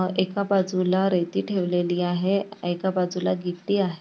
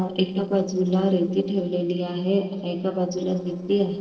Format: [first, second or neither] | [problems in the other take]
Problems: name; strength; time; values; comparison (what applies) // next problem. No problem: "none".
first | noise reduction (neural separator model SepFormer DNS4)